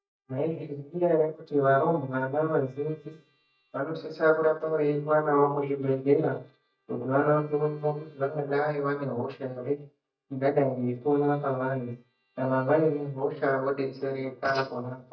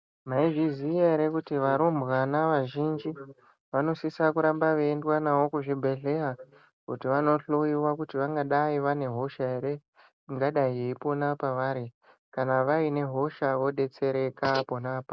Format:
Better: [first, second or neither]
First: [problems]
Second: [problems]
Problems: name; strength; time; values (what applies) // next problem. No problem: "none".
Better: second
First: noise reduction (neural mask model DeepFilterNet 3)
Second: none